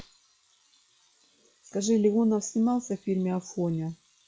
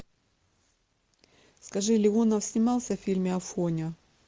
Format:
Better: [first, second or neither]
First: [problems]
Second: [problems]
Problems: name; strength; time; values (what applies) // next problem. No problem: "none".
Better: second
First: noise reduction (classical method log-MMSE)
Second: none